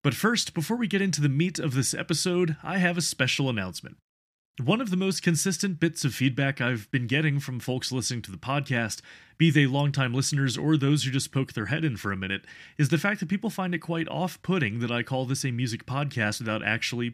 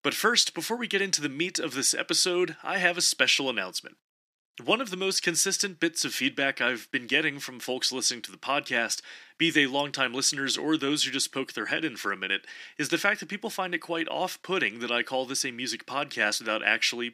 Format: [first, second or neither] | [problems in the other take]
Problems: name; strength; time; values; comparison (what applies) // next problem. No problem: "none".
first | thin; somewhat; fading below 350 Hz